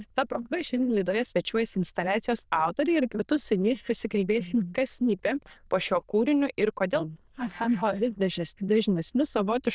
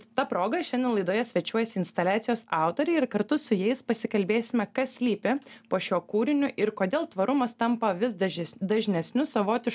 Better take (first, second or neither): second